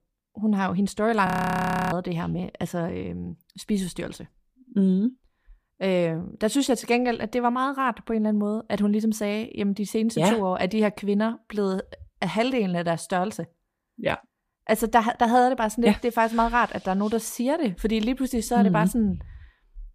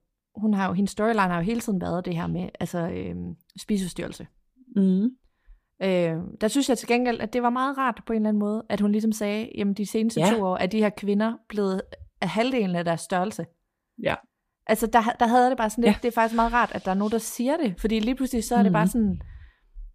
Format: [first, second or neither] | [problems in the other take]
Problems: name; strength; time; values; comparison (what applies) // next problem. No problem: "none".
second | audio freezing; at 1.5 s for 0.5 s